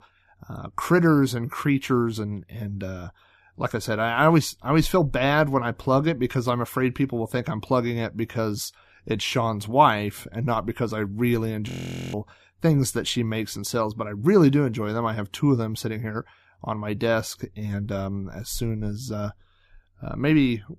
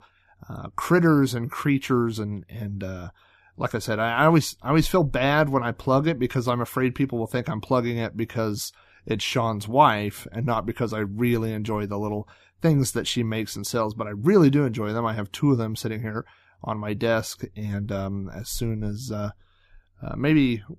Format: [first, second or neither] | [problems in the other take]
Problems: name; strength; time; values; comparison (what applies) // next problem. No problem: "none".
second | audio freezing; at 12 s